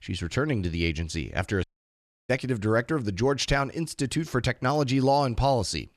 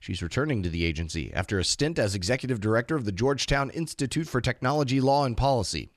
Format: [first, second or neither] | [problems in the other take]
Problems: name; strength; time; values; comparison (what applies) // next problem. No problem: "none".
second | audio cutting out; at 1.5 s for 0.5 s